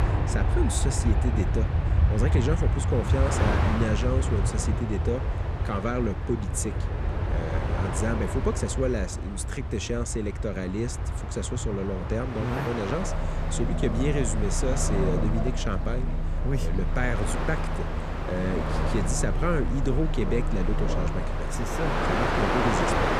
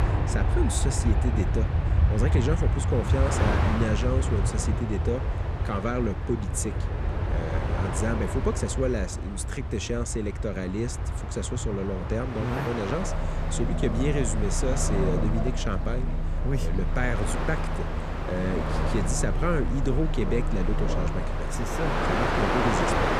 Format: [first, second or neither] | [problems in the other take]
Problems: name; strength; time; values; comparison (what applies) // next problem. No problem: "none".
neither | train or aircraft noise; very loud; throughout; 2 dB above the speech; the same in both